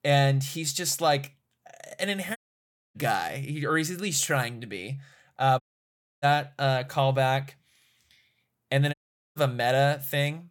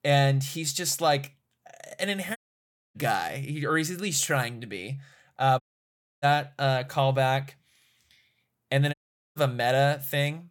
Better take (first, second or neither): neither